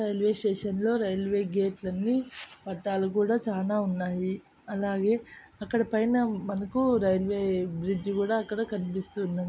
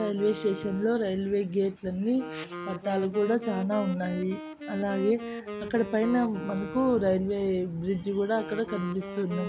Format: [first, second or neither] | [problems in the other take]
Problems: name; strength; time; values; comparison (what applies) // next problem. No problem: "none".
first | background sound (Wind instrument, woodwind instrument); 11 dB below the speech